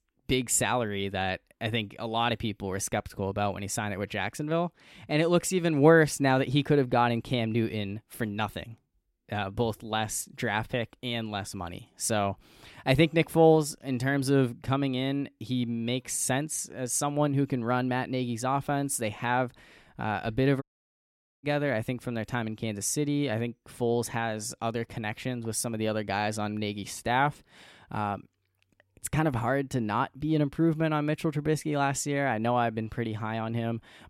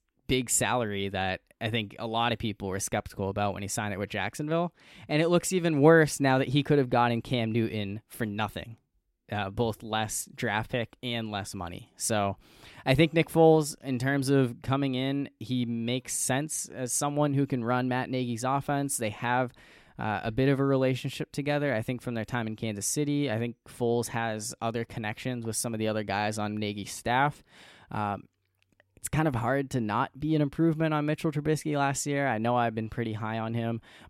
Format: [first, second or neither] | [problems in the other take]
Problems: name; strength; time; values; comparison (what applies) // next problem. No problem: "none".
second | audio cutting out; at 21 s for 1 s